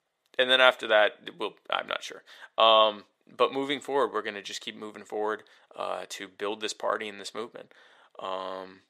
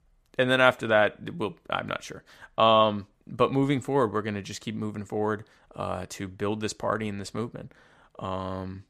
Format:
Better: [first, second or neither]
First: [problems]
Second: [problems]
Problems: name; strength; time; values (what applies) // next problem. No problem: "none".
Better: second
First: thin; somewhat; fading below 450 Hz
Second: none